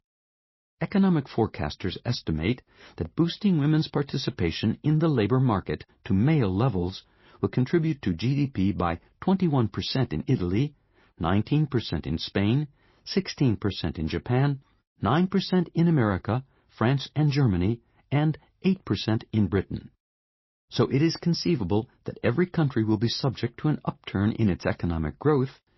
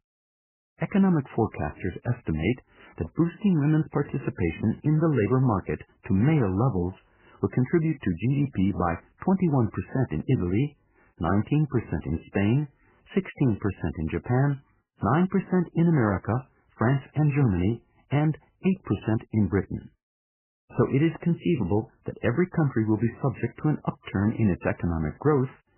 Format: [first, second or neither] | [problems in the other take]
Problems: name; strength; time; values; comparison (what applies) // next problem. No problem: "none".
first | garbled, watery; badly; nothing above 3 kHz; slightly in the first